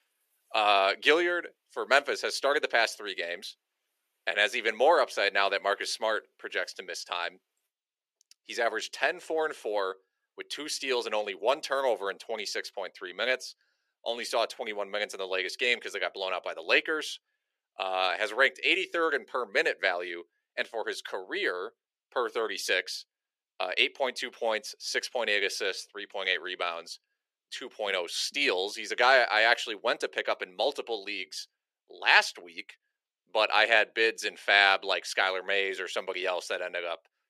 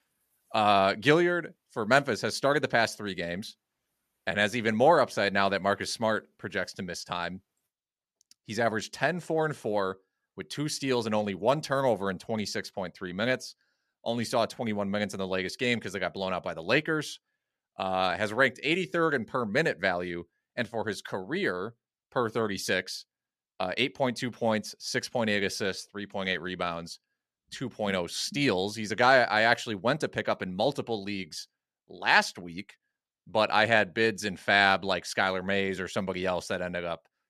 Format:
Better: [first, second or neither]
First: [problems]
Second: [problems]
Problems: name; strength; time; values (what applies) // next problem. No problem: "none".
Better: second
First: thin; very; fading below 400 Hz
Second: none